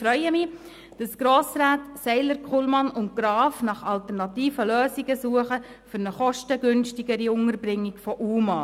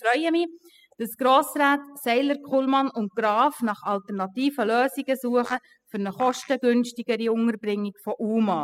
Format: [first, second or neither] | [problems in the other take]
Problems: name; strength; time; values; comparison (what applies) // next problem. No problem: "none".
first | noise reduction (classical method spectral subtraction)